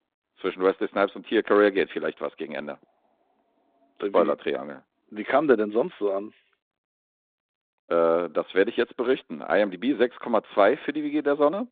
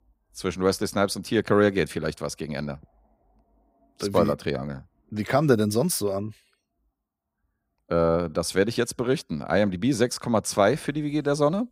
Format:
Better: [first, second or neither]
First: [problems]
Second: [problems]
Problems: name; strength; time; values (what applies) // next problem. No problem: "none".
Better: second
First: phone-call audio; nothing above 3.5 kHz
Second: none